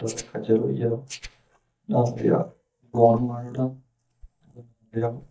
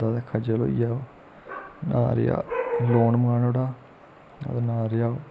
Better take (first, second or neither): second